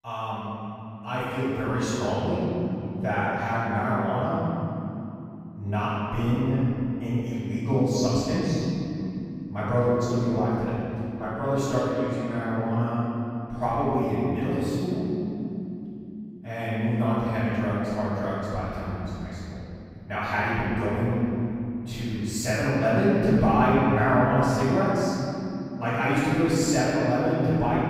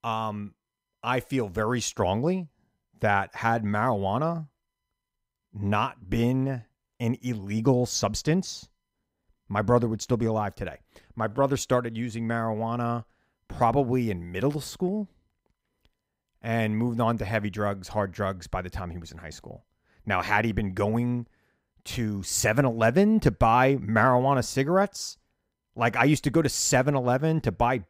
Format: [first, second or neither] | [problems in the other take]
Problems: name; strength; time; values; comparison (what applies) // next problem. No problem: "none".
second | room echo; strong; dies away in 3 s // off-mic speech; far